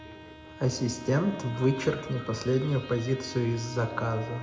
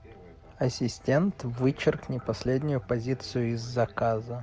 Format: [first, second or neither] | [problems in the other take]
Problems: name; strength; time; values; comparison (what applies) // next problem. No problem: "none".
second | background sound (Bowed string instrument); 15 dB below the speech // room echo; dies away in 0.6 s